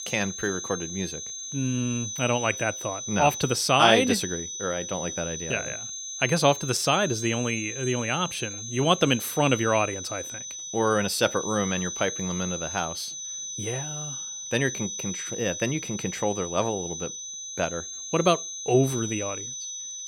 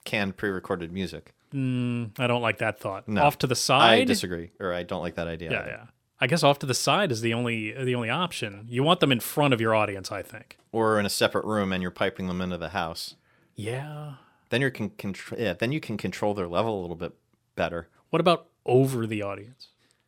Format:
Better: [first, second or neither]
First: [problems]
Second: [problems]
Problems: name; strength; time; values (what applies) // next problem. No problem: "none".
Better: second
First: high-pitched whine; loud; throughout; 6 kHz, 6 dB below the speech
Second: none